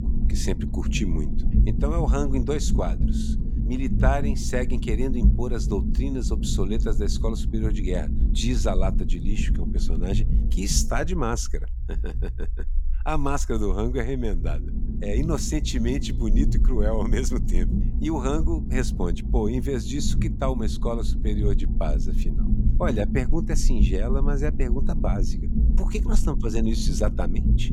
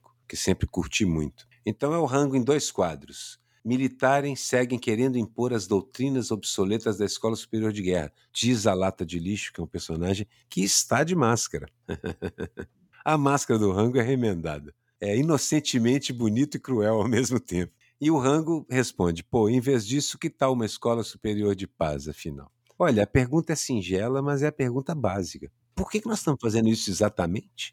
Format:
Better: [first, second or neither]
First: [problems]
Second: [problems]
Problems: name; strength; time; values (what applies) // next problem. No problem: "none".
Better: second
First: low rumble; loud; throughout; 8 dB below the speech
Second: none